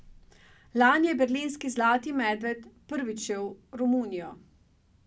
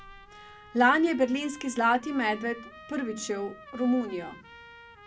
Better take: first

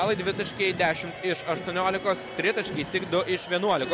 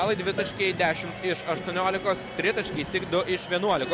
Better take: first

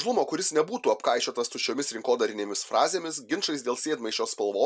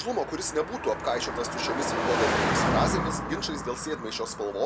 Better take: first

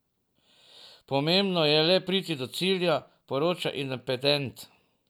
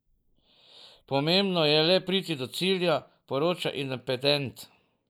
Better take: first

